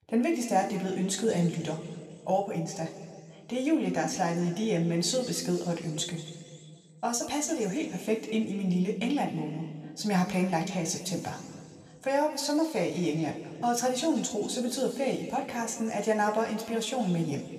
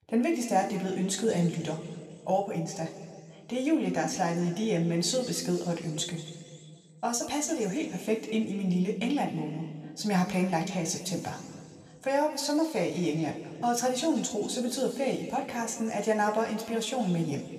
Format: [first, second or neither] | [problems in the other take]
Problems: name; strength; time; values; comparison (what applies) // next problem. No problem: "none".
neither | room echo; slight; dies away in 2.1 s; the same in both